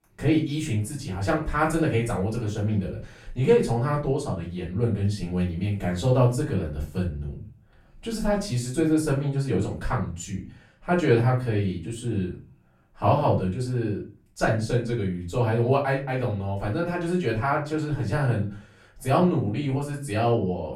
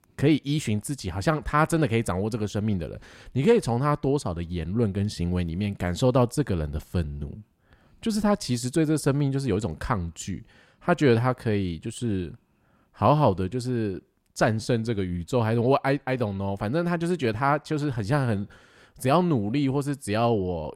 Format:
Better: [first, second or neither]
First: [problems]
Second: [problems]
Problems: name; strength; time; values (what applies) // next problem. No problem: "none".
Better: second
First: room echo; slight; dies away in 0.3 s // off-mic speech; far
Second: none